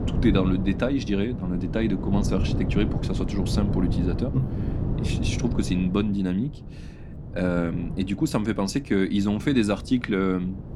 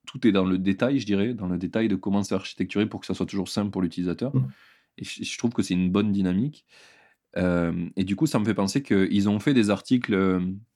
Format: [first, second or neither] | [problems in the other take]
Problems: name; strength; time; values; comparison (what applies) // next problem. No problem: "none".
second | wind noise on the microphone; heavy; 9 dB below the speech